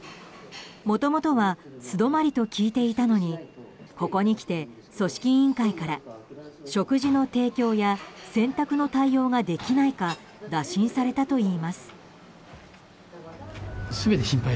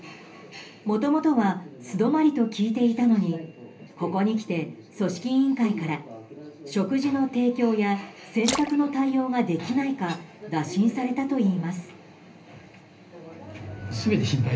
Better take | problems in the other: first | background sound (Splash, splatter); 11 dB below the speech // room echo; dies away in 0.3 s

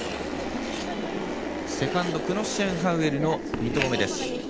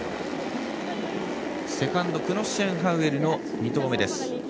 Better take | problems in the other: second | background sound (Writing); 12 dB below the speech

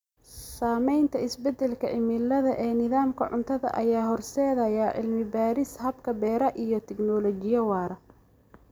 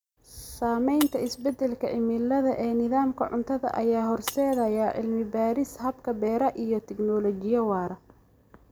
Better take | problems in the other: first | background sound (Shatter); 19 dB below the speech

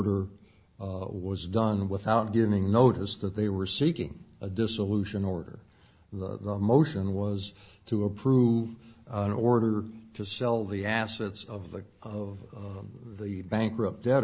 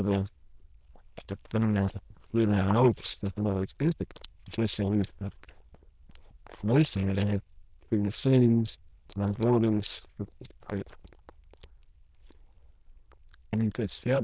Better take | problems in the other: first | noise reduction (neural diffusion model UNIVERSE++)

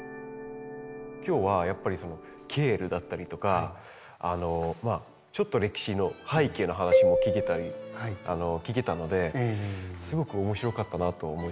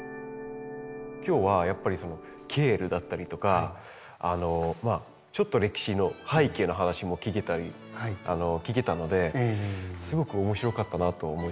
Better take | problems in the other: second | background sound (Marimba, xylophone); 2 dB above the speech

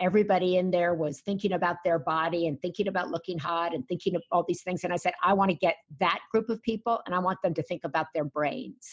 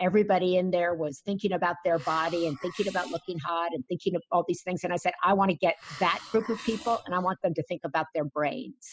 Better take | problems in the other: first | noise reduction (classical method spectral subtraction)

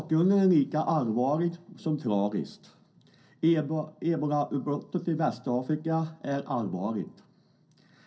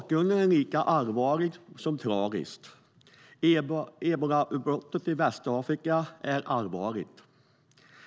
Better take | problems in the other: second | room echo; dies away in 0.3 s

